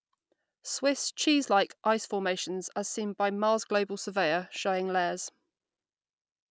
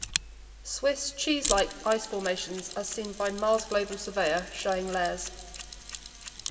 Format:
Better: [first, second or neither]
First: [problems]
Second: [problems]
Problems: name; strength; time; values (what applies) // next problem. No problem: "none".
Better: first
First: none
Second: background sound (Mechanisms); 8 dB below the speech // room echo; dies away in 1.5 s